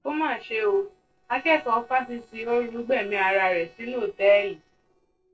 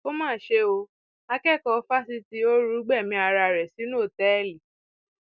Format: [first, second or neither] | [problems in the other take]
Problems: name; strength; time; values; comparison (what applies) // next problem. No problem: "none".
second | noise reduction (neural separator model SepFormer DNS4)